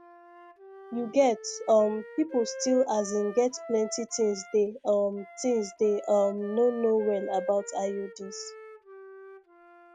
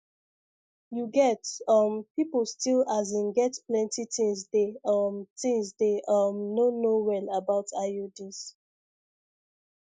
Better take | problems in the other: second | background sound (Wind instrument, woodwind instrument); 16 dB below the speech

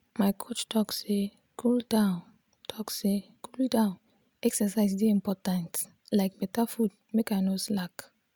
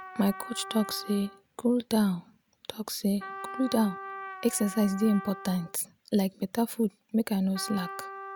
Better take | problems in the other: first | background sound (Trumpet); 14 dB below the speech

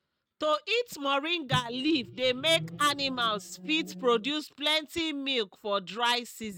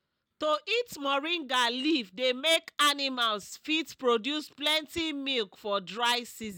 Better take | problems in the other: second | noise reduction (neural mask model RNNoise)

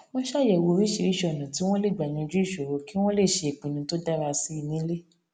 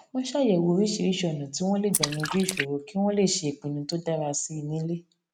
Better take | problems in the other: first | noise reduction (neural mask model RNNoise)

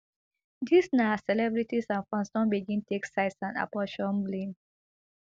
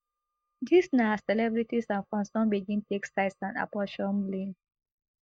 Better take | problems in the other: first | noise reduction (neural mask model DeepFilterNet 3)

